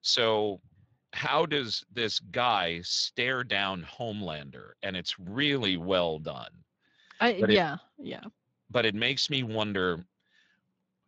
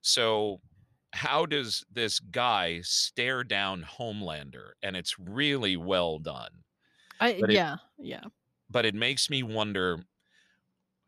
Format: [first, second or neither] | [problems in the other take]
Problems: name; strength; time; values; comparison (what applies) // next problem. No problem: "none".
second | garbled, watery; slightly